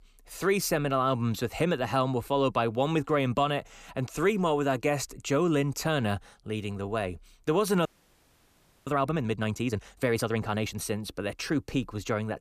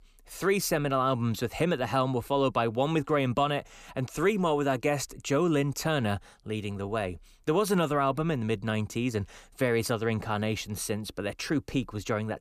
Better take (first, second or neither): second